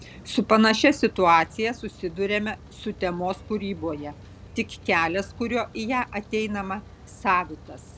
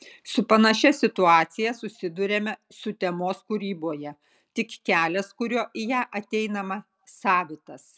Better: second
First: background sound (Rain); 19 dB below the speech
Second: none

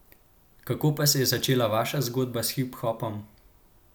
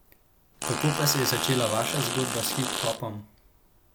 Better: first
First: none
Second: background sound (Fart); 1 dB below the speech

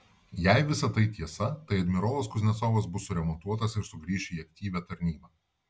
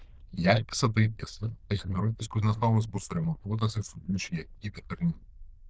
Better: first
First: none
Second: noise reduction (neural diffusion model UNIVERSE++)

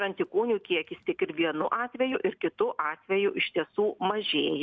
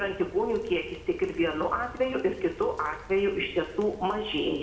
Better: first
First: none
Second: background sound (Rain); 19 dB below the speech // room echo; dies away in 0.8 s

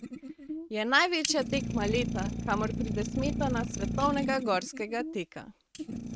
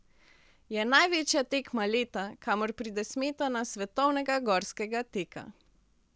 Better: second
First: noise reduction (neural mask model RNNoise)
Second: none

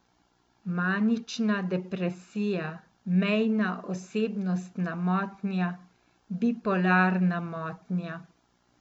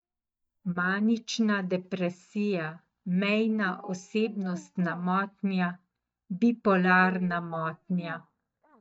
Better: first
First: none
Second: noise reduction (neural mask model DeepFilterNet 3)

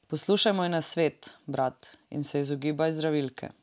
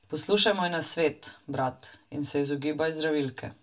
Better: first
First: none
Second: room echo; dies away in 0.2 s

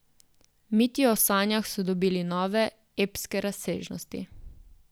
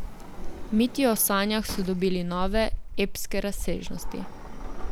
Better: first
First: none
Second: background sound (Sliding door); 3 dB below the speech

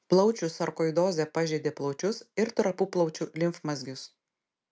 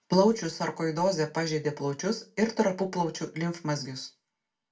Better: first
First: none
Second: room echo; dies away in 0.2 s

